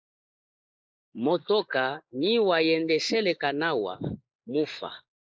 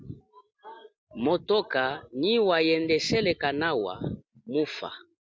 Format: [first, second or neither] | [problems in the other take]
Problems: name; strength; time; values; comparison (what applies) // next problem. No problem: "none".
second | noise reduction (neural mask model Resemble Enhance denoiser)